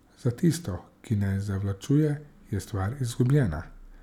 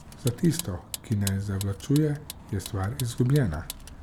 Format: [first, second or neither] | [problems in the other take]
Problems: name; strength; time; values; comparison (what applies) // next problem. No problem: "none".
first | background sound (Vehicle); 13 dB below the speech